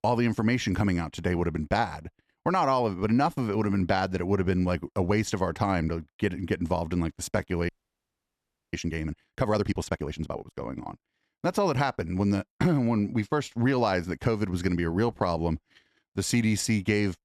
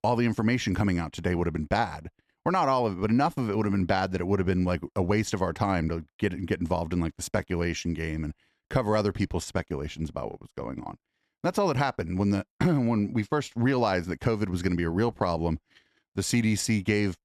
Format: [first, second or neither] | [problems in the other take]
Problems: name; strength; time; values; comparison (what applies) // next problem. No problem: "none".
second | audio freezing; at 7.5 s for 1 s